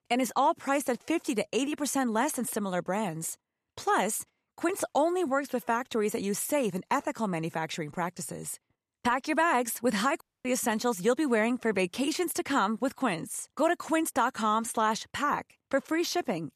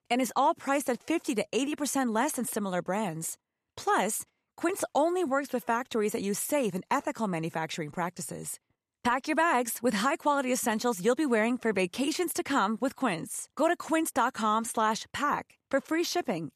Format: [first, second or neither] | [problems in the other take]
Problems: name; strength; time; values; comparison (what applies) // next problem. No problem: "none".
second | audio cutting out; at 10 s